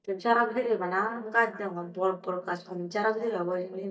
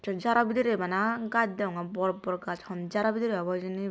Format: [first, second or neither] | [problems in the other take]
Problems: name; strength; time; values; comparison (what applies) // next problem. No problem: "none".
second | noise reduction (neural mask model DeepFilterNet 3)